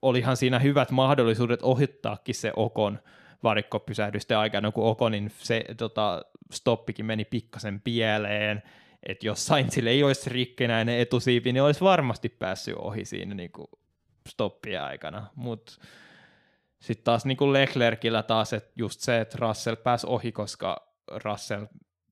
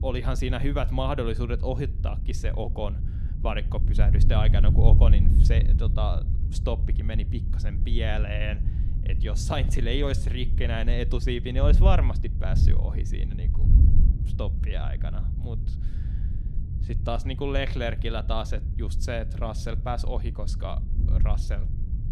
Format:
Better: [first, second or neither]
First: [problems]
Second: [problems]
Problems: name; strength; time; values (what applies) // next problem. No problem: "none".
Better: first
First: none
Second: wind noise on the microphone; heavy; 10 dB below the speech